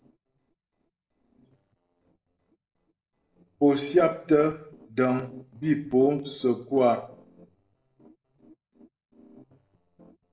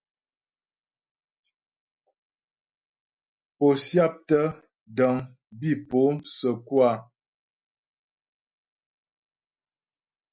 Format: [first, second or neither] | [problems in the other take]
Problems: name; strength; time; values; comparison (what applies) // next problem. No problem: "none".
second | noise reduction (neural separator model SepFormer DNS4)